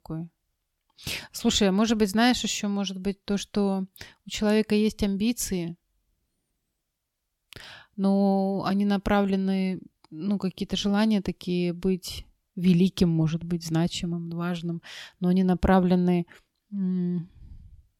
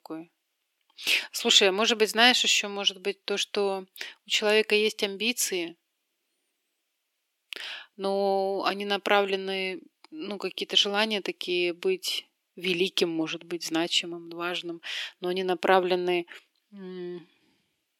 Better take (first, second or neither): first